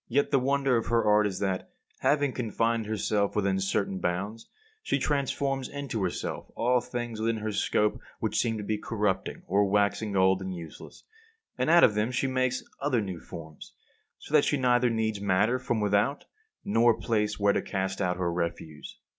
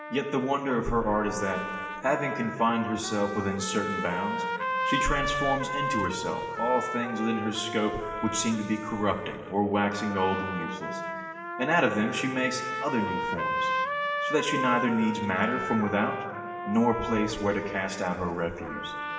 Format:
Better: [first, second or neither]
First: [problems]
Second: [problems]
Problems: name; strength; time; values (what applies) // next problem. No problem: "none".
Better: first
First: none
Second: background sound (Trumpet); 5 dB below the speech // room echo; dies away in 1.9 s